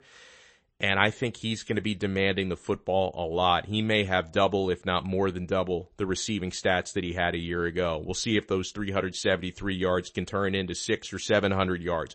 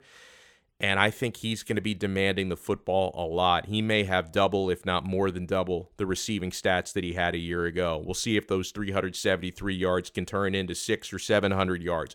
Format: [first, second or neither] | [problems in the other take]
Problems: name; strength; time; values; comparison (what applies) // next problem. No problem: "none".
second | garbled, watery; slightly; nothing above 8 kHz